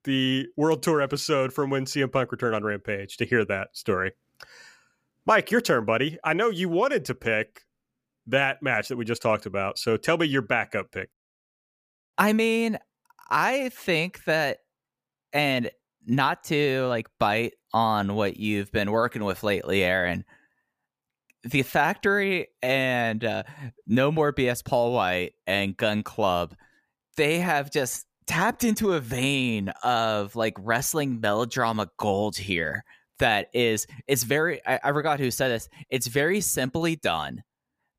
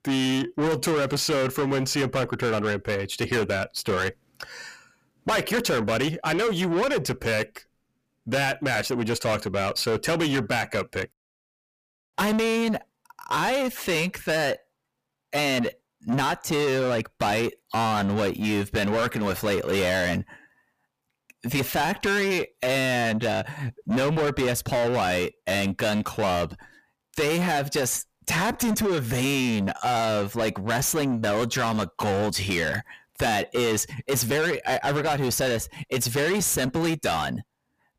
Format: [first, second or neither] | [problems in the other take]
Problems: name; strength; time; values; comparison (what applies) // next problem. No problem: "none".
first | distortion; heavy; 6 dB below the speech